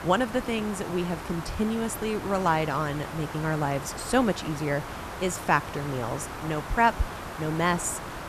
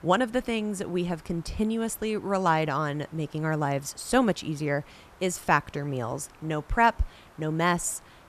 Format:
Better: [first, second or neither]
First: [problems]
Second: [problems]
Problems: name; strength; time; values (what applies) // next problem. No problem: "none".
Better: second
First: hiss; loud; throughout; 9 dB below the speech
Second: hiss; faint; throughout; 25 dB below the speech